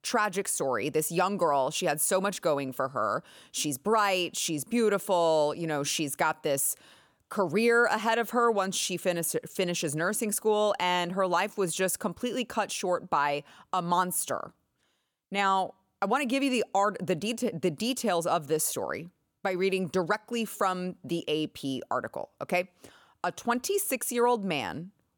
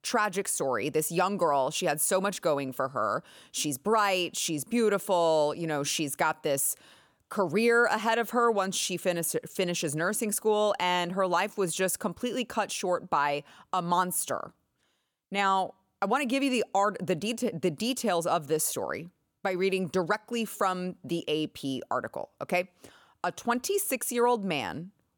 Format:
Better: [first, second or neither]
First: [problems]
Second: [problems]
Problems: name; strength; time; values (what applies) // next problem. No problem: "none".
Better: neither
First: none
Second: none